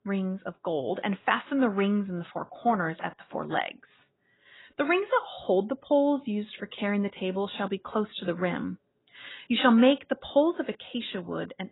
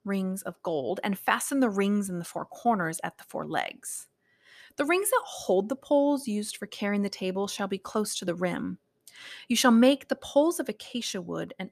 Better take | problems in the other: second | garbled, watery; badly; nothing above 4 kHz

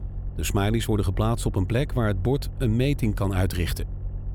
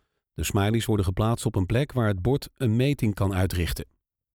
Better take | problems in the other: second | low rumble; faint; throughout; 20 dB below the speech

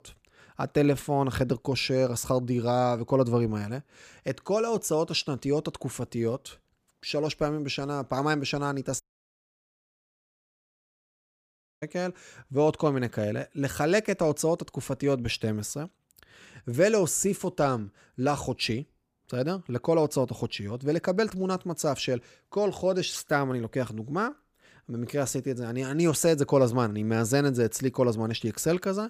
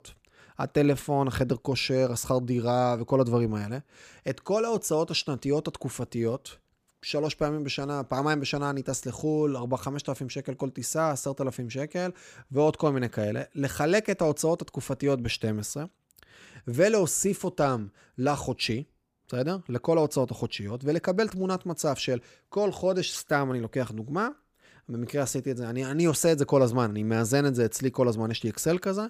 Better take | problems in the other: second | audio cutting out; at 9 s for 3 s

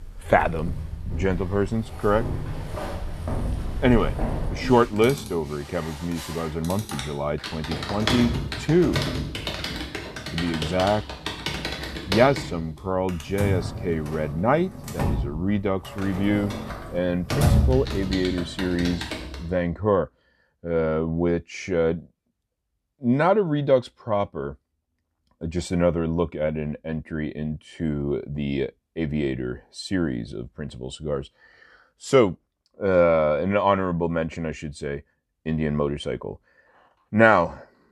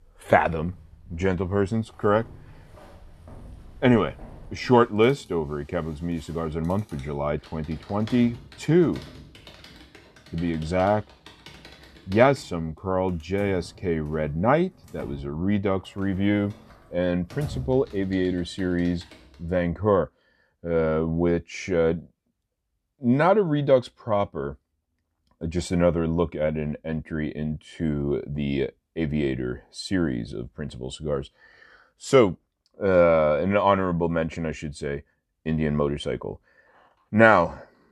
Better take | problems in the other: second | household noises; loud; until 19 s; 5 dB below the speech; faint in the second

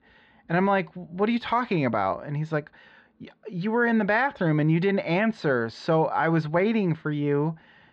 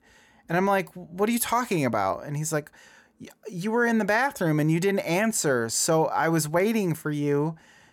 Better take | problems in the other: second | muffled; very; fading above 4 kHz

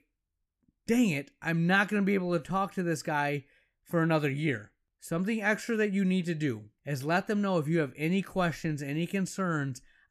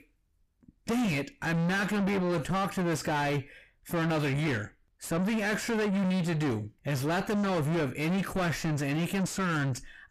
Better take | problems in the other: first | distortion; heavy; 5 dB below the speech

